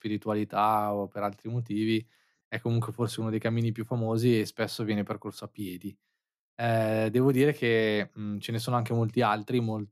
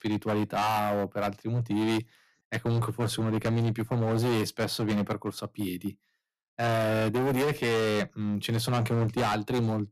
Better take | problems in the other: first | distortion; heavy; 22% of the sound clipped

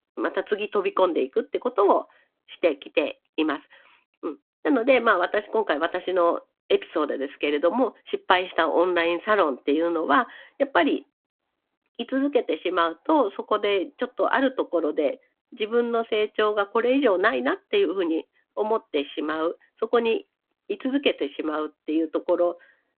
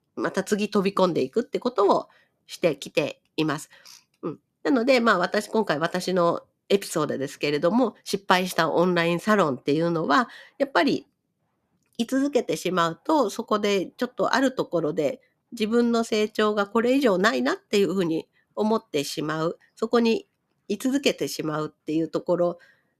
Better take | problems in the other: second | phone-call audio

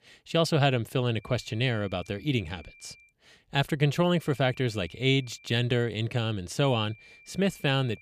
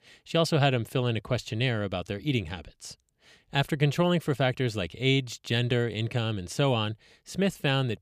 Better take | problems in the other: second | high-pitched whine; faint; from 1 to 3 s, from 4 to 5.5 s and from 6.5 s on; 2.5 kHz, 25 dB below the speech

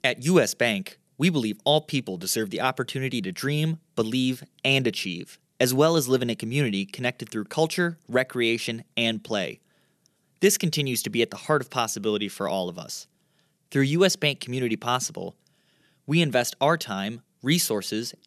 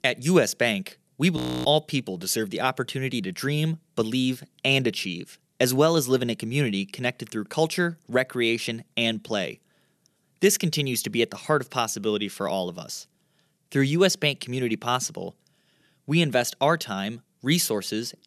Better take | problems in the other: first | audio freezing; at 1.5 s

